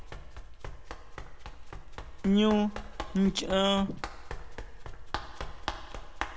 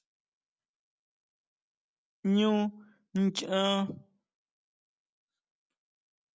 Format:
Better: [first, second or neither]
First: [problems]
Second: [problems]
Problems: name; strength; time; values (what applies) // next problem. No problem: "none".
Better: second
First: background sound (Run); 7 dB below the speech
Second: none